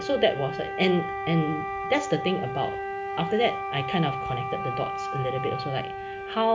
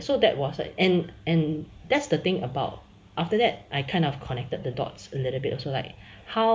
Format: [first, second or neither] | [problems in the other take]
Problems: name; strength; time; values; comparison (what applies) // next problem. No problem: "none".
second | background sound (Wind instrument, woodwind instrument); 5 dB below the speech